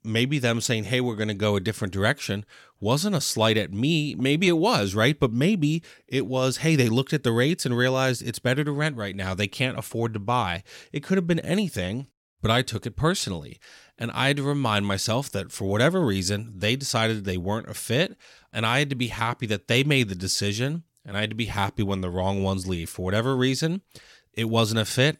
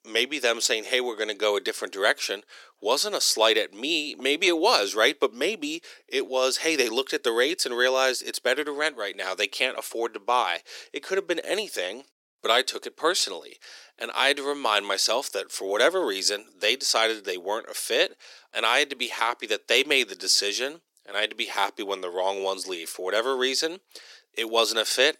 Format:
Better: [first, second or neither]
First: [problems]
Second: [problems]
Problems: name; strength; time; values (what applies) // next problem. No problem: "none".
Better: first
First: none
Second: thin; very; fading below 350 Hz